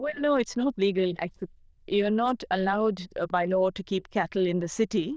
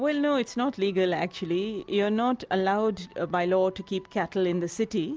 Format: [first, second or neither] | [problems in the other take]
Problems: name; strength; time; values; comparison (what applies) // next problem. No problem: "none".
second | noise reduction (neural diffusion model UNIVERSE++)